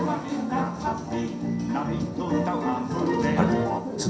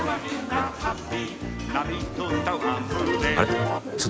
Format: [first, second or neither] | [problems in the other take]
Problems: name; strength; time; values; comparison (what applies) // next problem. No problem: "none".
second | room echo; dies away in 0.6 s